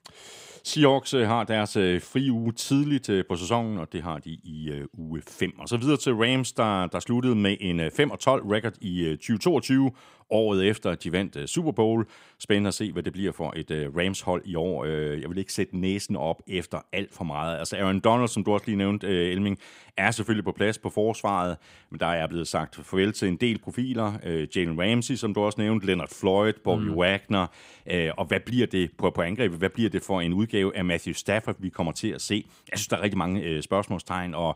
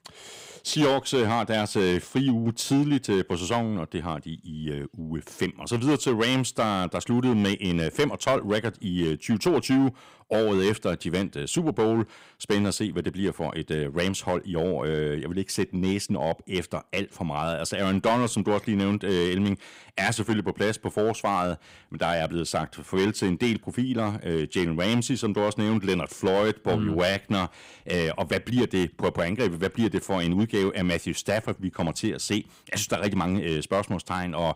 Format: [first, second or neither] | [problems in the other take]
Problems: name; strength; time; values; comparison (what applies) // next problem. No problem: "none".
first | distortion; slight; 4% of the sound clipped